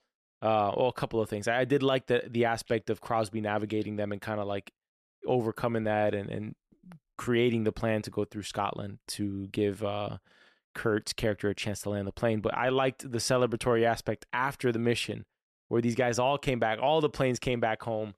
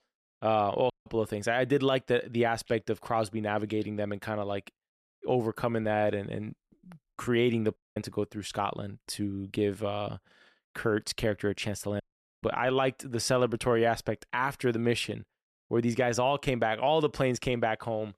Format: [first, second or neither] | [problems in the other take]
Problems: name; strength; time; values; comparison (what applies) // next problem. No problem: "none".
first | audio cutting out; at 1 s, at 8 s and at 12 s